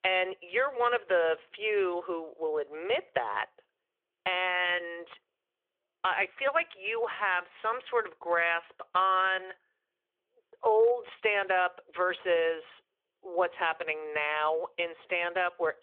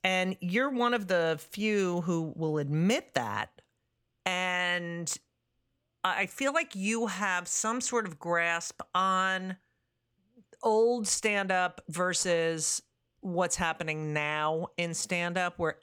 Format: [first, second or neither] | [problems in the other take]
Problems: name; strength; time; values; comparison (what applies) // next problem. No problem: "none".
second | phone-call audio